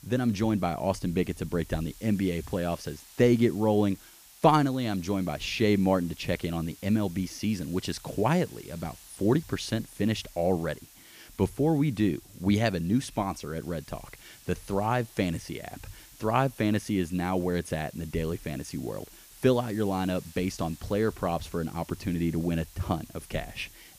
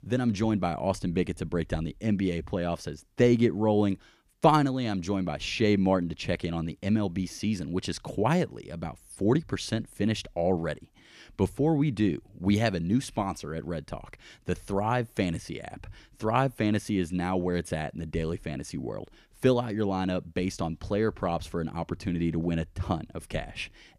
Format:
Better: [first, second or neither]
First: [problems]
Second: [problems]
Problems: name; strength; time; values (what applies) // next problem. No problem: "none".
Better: second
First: hiss; faint; throughout; 20 dB below the speech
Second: none